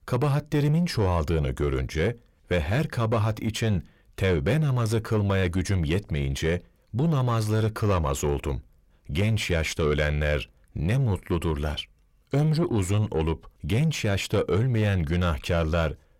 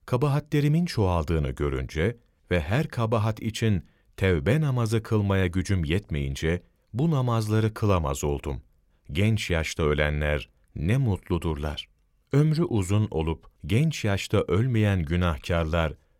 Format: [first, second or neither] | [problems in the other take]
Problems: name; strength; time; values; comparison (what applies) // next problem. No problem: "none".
second | distortion; slight; 9 dB below the speech